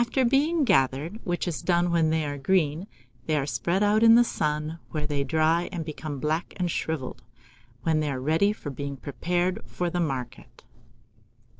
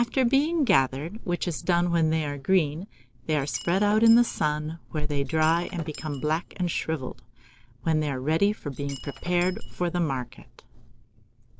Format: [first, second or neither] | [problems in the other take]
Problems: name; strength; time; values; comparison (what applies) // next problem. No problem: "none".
first | background sound (Shatter); 19 dB below the speech